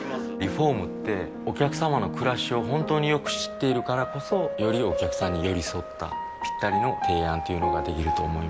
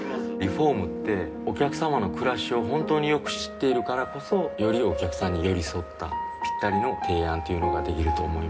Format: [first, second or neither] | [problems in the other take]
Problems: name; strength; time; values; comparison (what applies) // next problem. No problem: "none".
first | room echo; dies away in 0.3 s